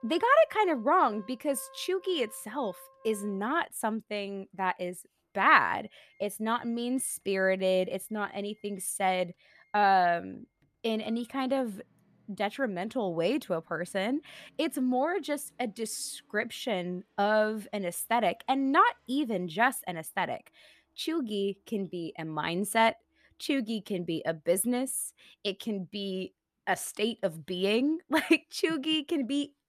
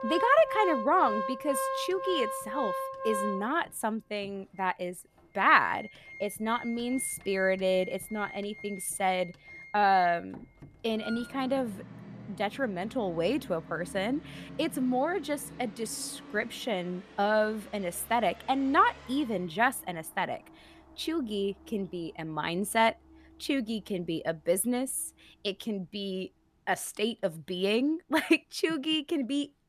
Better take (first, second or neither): first